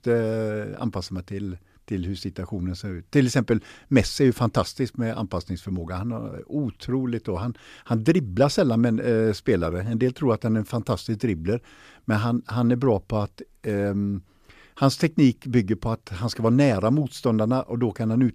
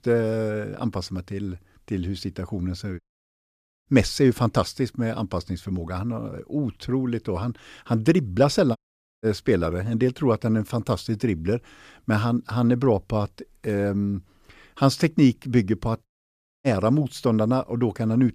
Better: first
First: none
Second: audio cutting out; at 3 s for 1 s, at 9 s and at 16 s for 0.5 s

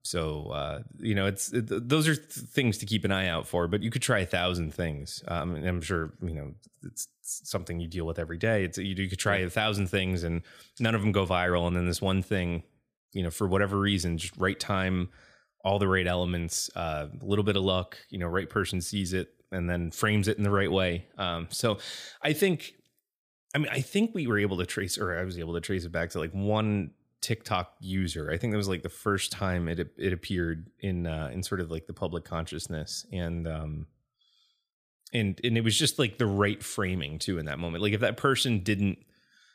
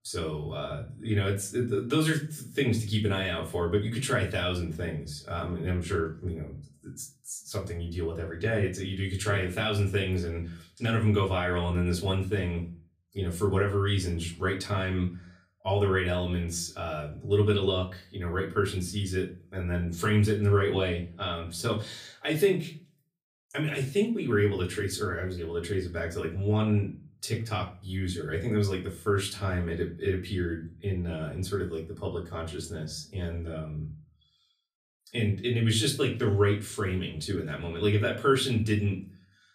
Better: first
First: none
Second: off-mic speech; far // room echo; very slight; dies away in 0.3 s

